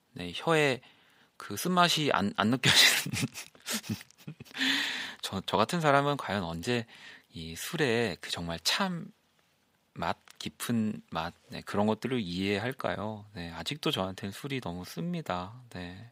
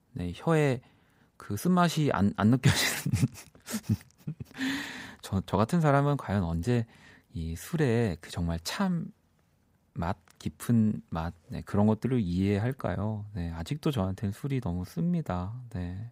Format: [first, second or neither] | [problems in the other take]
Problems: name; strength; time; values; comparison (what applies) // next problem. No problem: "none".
second | thin; somewhat; fading below 450 Hz